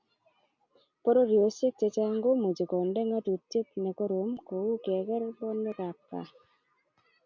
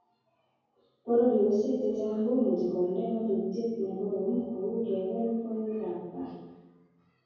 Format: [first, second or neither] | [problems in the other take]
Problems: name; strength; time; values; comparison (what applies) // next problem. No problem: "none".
first | room echo; dies away in 1.3 s